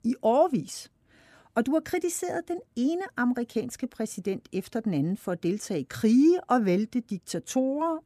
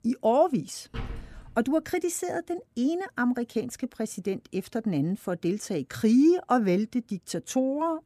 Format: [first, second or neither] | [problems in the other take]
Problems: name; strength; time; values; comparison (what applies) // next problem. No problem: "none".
first | door banging; faint; at 1 s; peak 10 dB below the speech